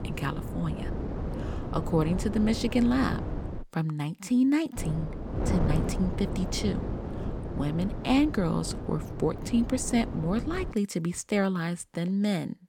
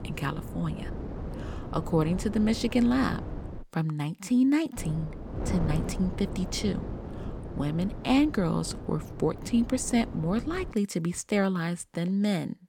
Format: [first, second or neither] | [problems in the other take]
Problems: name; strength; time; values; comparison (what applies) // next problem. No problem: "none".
second | wind noise on the microphone; heavy; until 3.5 s and from 5 to 11 s; 8 dB below the speech; occasional gusts in the second